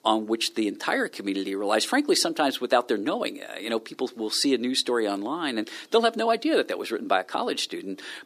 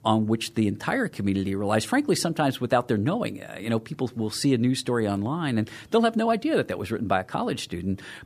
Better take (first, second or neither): second